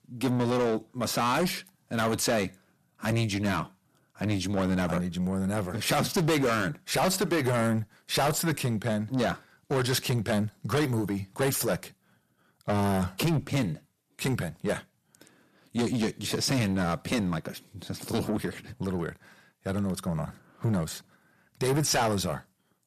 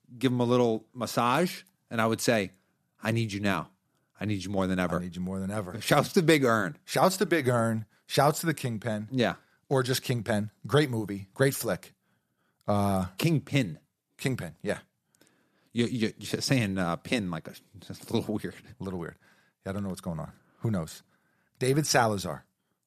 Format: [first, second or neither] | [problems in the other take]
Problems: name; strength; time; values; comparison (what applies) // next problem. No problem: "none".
second | distortion; heavy; 6 dB below the speech